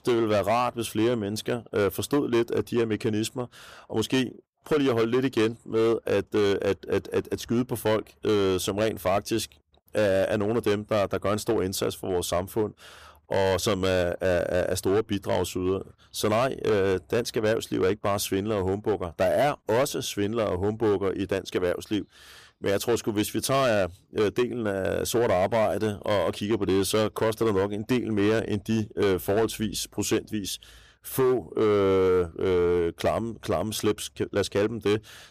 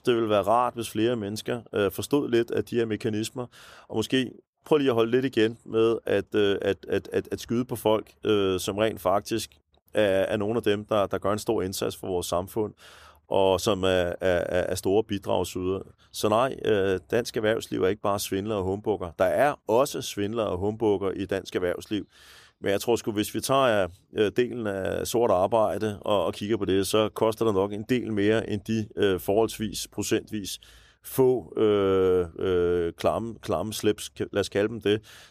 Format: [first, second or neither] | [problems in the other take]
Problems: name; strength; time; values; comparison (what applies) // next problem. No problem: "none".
second | distortion; slight; 9% of the sound clipped